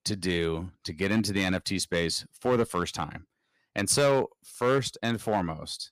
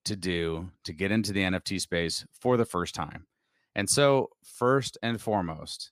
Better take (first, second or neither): second